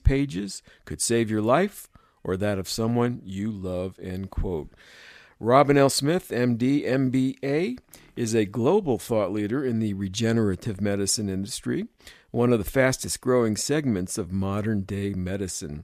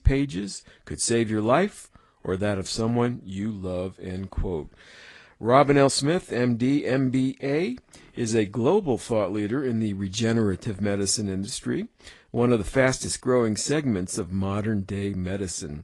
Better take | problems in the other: first | garbled, watery; slightly; nothing above 10 kHz

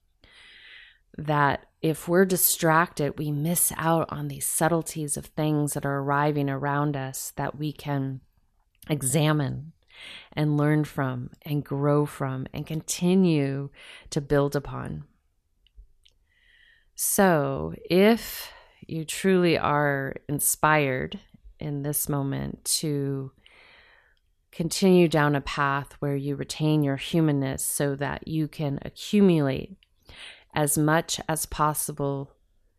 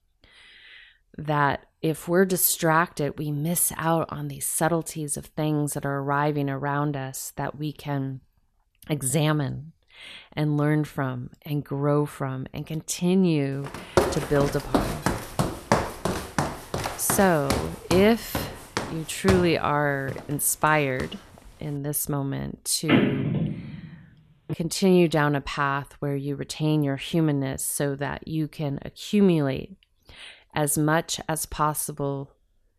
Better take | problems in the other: first | footsteps; loud; from 14 to 21 s; peak 1 dB above the speech // phone ringing; loud; from 23 to 25 s; peak 3 dB above the speech

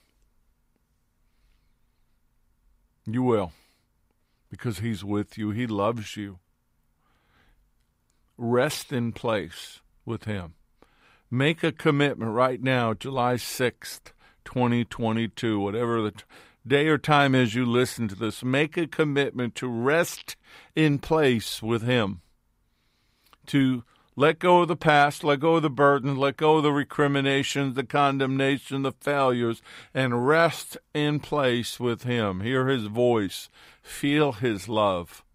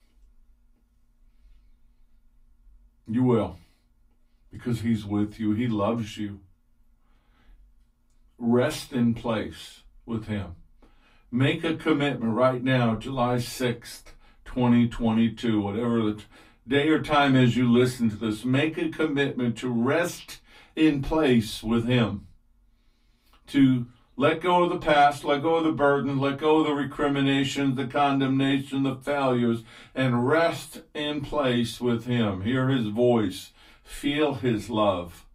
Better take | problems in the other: first | off-mic speech; far // room echo; very slight; dies away in 0.2 s

